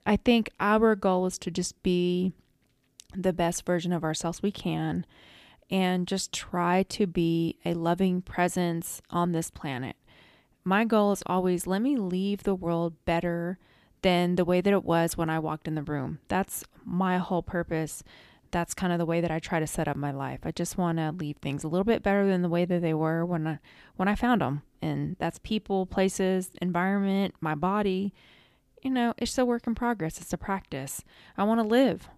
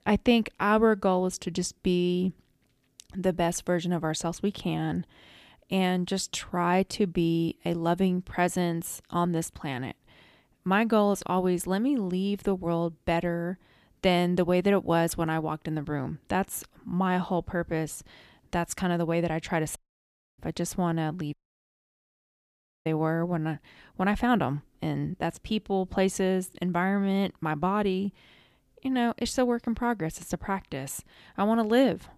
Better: first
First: none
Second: audio cutting out; at 20 s for 0.5 s and at 21 s for 1.5 s

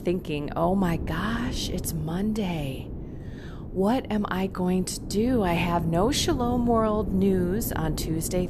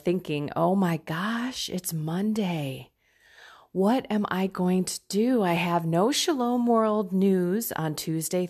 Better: second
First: wind noise on the microphone; occasional gusts; 15 dB below the speech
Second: none

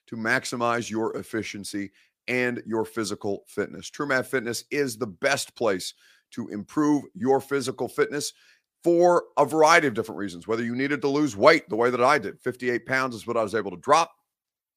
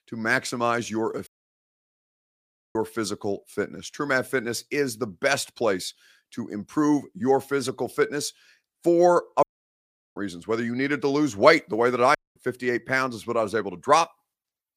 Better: first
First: none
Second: audio cutting out; at 1.5 s for 1.5 s, at 9.5 s for 0.5 s and at 12 s

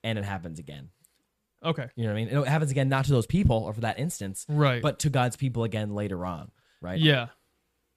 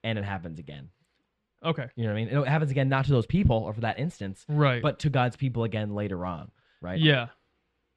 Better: first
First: none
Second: muffled; slightly; fading above 3 kHz

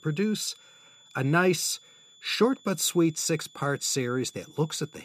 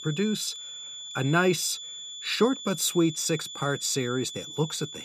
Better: first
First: high-pitched whine; faint; throughout; 3.5 kHz, 25 dB below the speech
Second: high-pitched whine; loud; throughout; 3.5 kHz, 10 dB below the speech

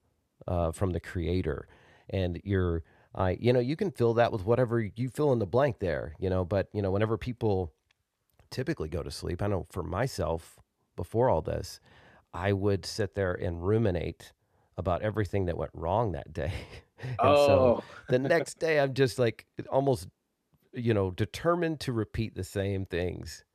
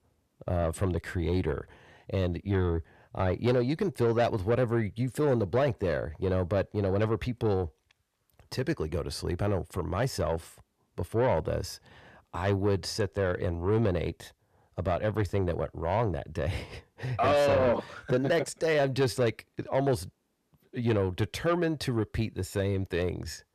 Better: first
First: none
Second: distortion; slight; 10 dB below the speech

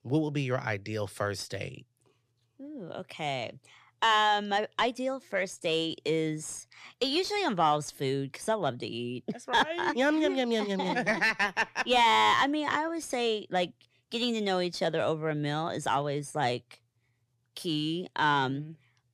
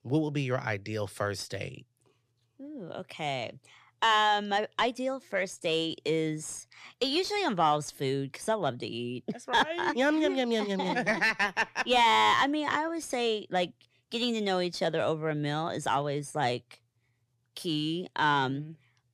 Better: neither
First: distortion; slight; 10 dB below the speech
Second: distortion; slight; 10 dB below the speech

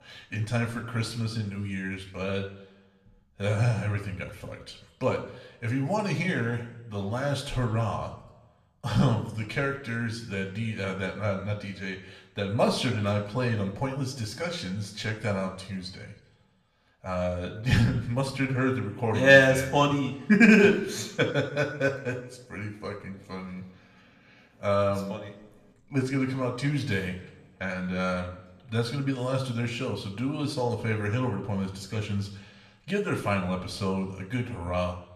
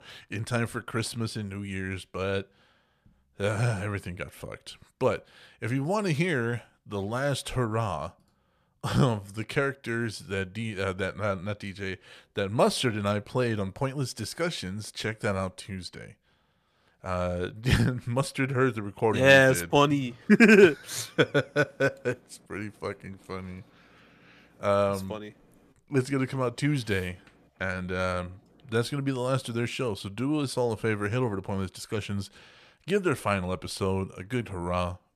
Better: second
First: room echo; slight; dies away in 0.7 s // off-mic speech; somewhat distant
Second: none

